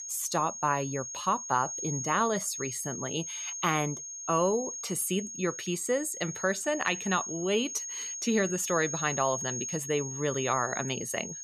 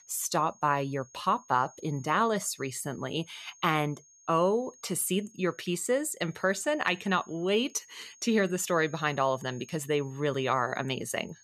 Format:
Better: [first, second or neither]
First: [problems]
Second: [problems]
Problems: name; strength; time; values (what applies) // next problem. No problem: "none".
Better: second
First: high-pitched whine; loud; throughout; 6.5 kHz, 5 dB below the speech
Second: high-pitched whine; faint; throughout; 6.5 kHz, 25 dB below the speech